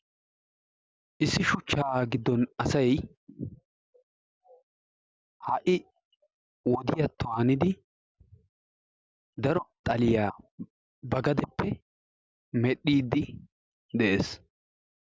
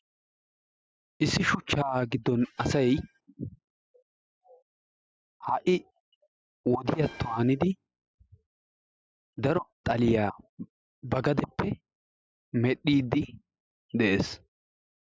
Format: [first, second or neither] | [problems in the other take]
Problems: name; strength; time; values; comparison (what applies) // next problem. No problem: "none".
first | noise reduction (classical method spectral subtraction)